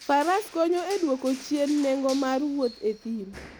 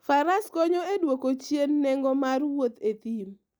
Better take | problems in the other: second | background sound (Crushing); 18 dB below the speech

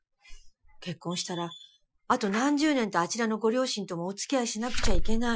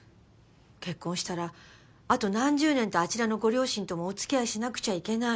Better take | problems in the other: second | noise reduction (classical method Wiener filter)

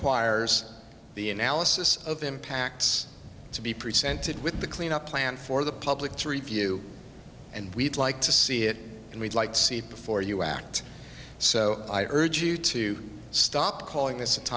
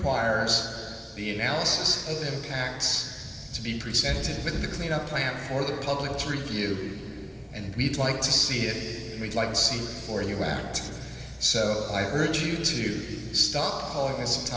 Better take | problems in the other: first | room echo; dies away in 2.5 s

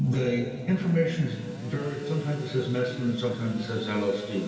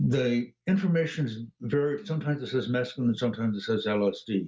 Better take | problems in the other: second | background sound (Sawing / Engine); 18 dB below the speech // room echo; dies away in 2.6 s

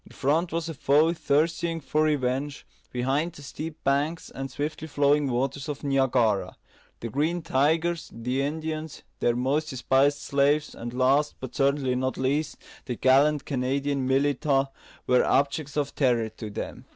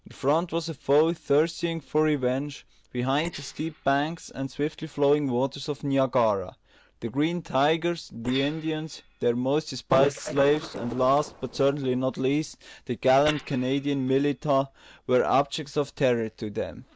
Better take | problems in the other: first | noise reduction (neural mask model Resemble Enhance denoiser)

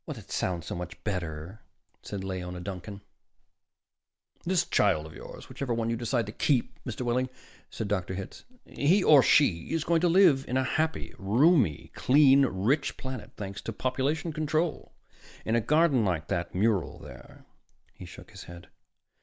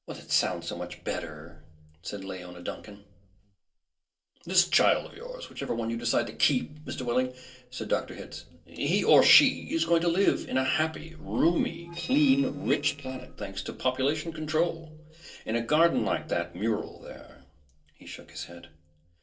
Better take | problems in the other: first | noise reduction (neural separator model SepFormer DNS4)

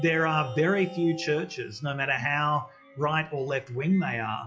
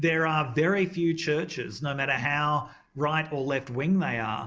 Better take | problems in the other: second | noise reduction (classical method log-MMSE)

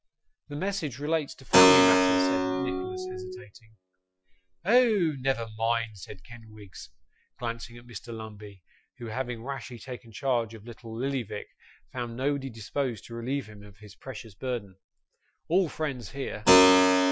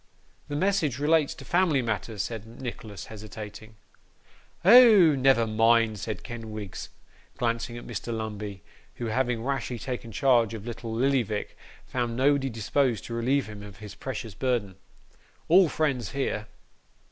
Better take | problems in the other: second | noise reduction (classical method Wiener filter)

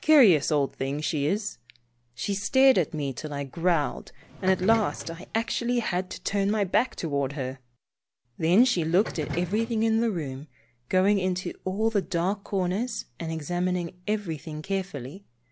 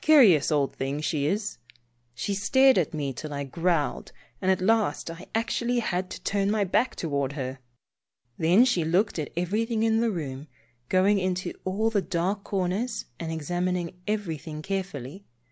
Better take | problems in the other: second | background sound (Subway, metro, underground); 12 dB below the speech

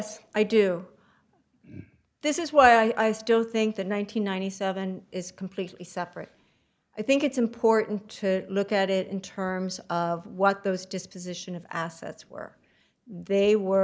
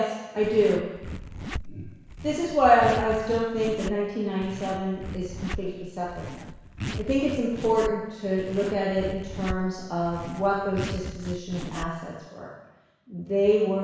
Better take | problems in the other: first | background sound (Zipper (clothing)); 10 dB below the speech // room echo; dies away in 1.1 s

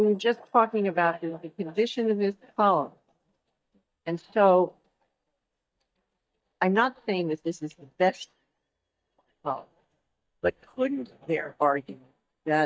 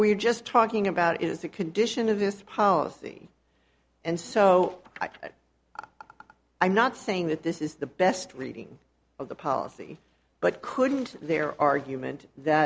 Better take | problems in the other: second | noise reduction (neural mask model DeepFilterNet 3)

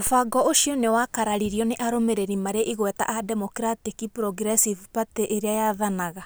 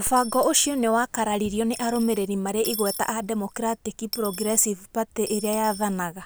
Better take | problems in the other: first | background sound (Coin (dropping) / Dishes, pots, and pans); 15 dB below the speech

